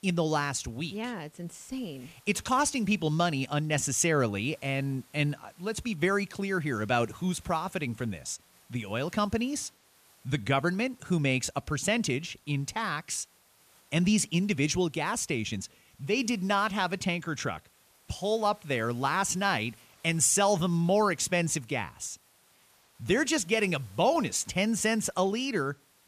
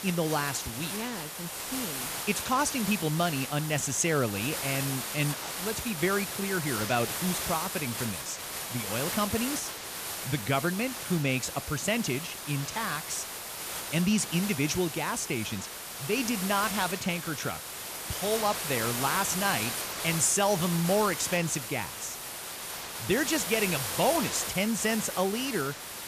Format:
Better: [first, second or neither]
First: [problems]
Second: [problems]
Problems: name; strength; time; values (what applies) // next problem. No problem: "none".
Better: first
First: hiss; faint; throughout; 30 dB below the speech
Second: hiss; loud; throughout; 4 dB below the speech